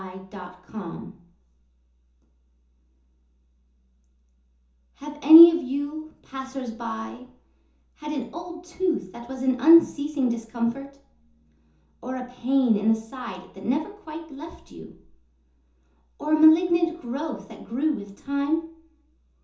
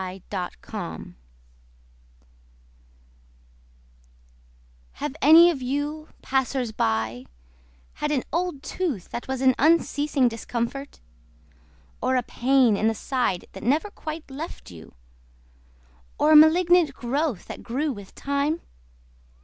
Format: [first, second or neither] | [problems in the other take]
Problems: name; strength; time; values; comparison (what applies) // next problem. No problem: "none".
second | room echo; dies away in 0.6 s